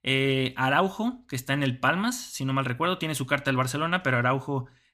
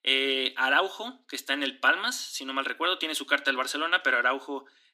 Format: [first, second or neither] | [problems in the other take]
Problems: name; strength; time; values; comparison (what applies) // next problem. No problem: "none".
first | thin; somewhat; fading below 300 Hz